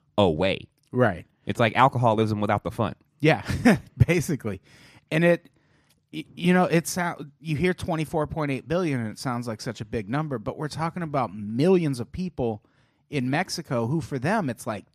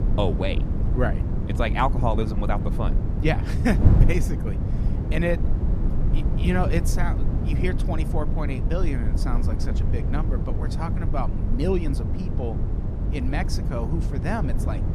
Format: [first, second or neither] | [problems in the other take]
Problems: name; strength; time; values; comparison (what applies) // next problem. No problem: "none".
first | wind noise on the microphone; heavy; 7 dB below the speech